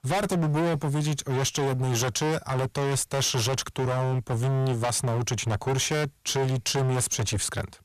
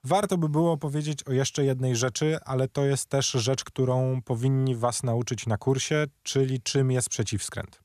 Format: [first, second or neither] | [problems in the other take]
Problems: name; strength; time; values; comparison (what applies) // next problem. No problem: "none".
second | distortion; heavy; 32% of the sound clipped